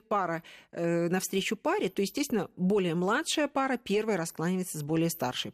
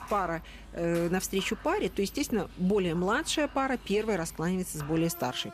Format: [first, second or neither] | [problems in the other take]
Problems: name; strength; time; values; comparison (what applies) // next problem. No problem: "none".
first | animal sounds; noticeable; throughout; 20 dB below the speech